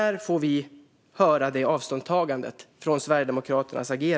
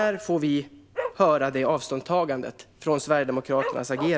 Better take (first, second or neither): first